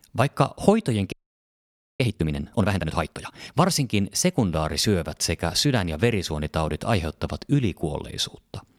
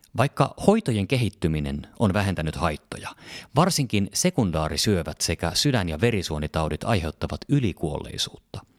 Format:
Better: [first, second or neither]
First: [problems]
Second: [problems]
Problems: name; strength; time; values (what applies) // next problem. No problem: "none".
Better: second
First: audio freezing; at 1 s for 1 s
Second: none